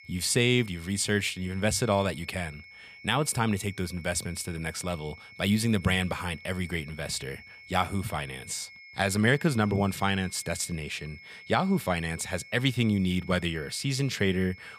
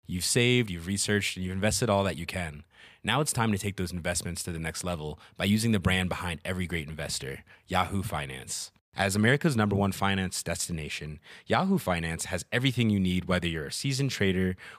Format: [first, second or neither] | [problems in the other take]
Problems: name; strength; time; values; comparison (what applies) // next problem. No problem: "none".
second | high-pitched whine; noticeable; throughout; 2 kHz, 20 dB below the speech